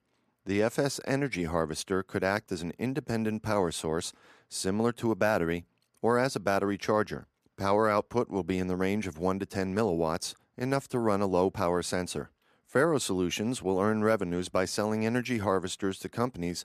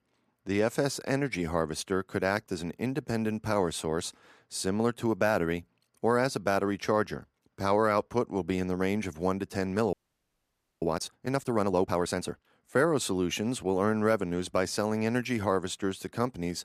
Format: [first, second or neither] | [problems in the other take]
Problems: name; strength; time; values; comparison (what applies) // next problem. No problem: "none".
first | audio freezing; at 10 s for 1 s